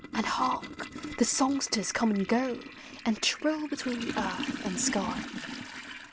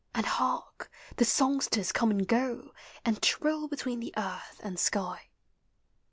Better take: second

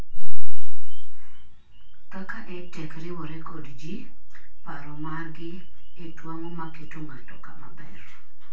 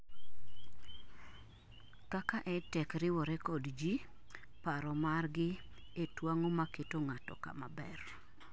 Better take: second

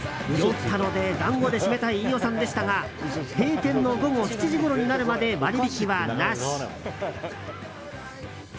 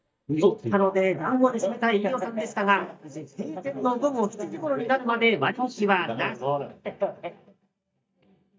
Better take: first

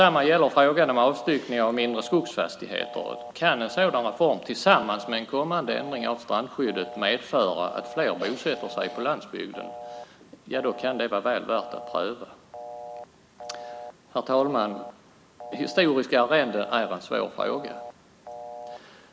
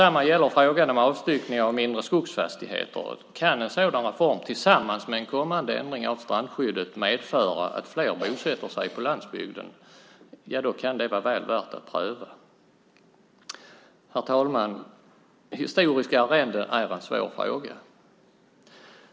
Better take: second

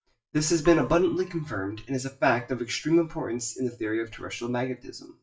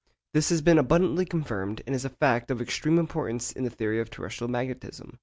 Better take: second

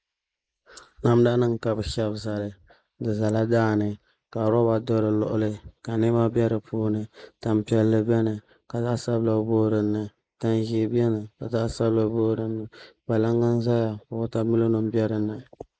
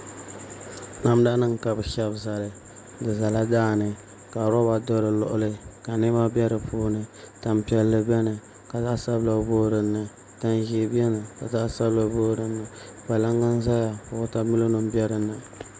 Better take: second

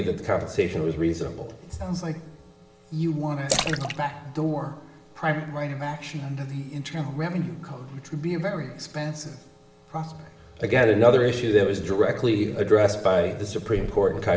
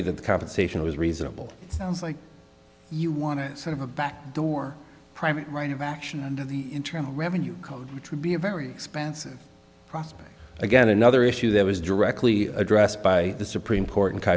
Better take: second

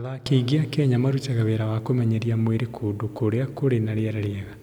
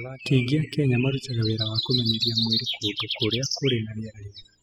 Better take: first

